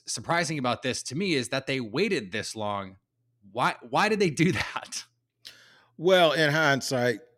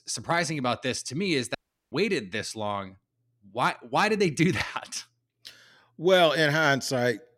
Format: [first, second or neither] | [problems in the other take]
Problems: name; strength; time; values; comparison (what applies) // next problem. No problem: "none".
first | audio cutting out; at 1.5 s